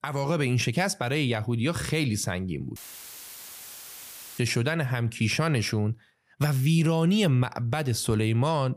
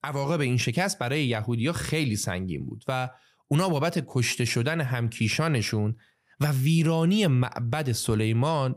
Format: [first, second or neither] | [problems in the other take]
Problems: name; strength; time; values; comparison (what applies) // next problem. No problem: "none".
second | audio cutting out; filled with static; at 3 s for 1.5 s